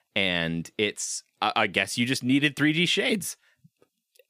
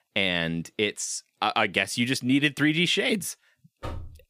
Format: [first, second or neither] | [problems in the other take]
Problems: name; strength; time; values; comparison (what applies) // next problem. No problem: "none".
first | door banging; faint; at 4 s; peak 15 dB below the speech